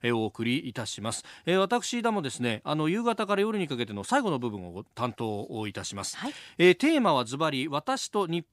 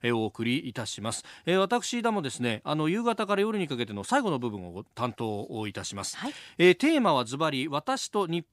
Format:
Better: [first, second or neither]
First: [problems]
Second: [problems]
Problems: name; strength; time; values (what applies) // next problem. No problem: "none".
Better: neither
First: none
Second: none